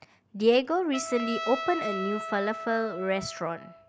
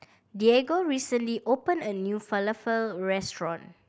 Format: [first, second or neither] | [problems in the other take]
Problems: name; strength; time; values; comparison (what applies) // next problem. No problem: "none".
second | background sound (Trumpet); 9 dB below the speech